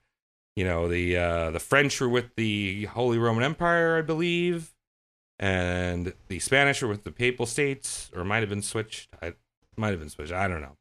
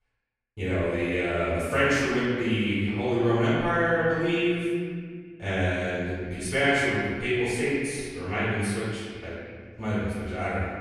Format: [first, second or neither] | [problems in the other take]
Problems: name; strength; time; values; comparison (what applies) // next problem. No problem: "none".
first | room echo; strong; dies away in 1.8 s // off-mic speech; far